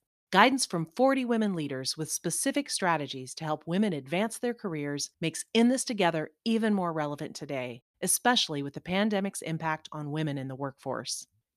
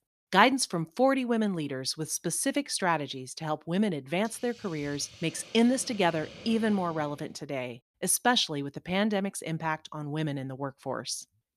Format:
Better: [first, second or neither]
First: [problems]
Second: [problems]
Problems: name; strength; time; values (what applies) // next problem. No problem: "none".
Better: first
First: none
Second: hiss; noticeable; from 4 to 7.5 s; 20 dB below the speech